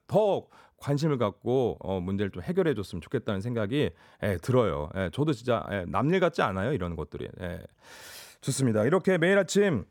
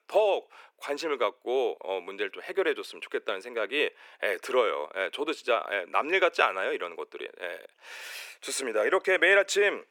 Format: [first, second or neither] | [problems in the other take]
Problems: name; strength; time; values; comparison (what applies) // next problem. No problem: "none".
first | thin; very; fading below 350 Hz